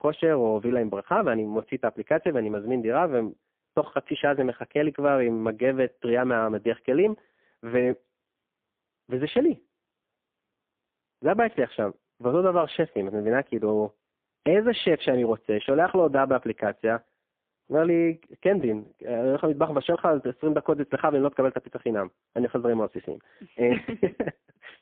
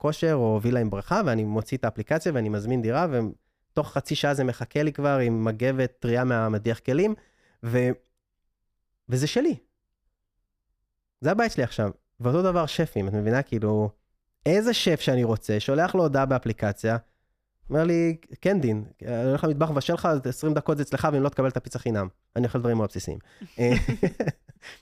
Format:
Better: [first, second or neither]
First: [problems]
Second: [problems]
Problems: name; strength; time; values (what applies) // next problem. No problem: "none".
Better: second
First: phone-call audio; poor line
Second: none